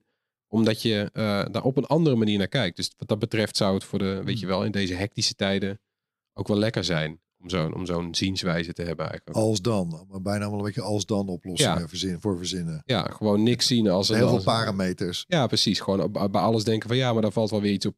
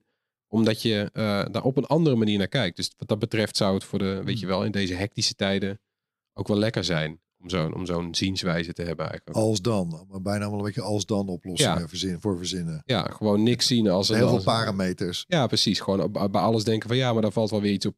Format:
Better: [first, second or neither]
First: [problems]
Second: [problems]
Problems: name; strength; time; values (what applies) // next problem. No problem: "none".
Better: neither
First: none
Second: none